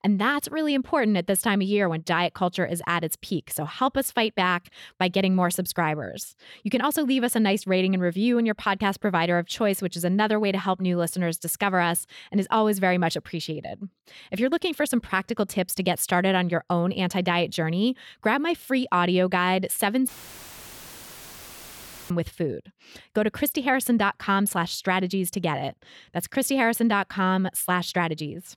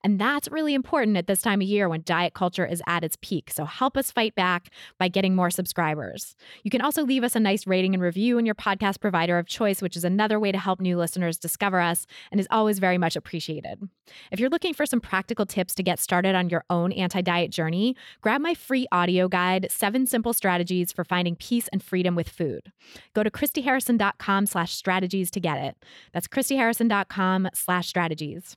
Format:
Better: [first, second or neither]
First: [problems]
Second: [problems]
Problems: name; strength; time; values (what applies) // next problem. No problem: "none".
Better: second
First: audio cutting out; filled with static; at 20 s for 2 s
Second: none